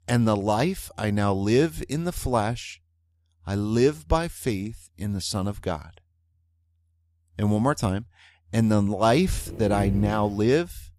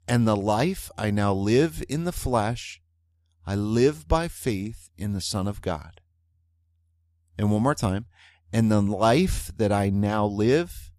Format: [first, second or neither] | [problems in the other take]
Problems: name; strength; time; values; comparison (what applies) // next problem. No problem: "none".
second | dog barking; noticeable; from 9.5 to 10 s; peak 6 dB below the speech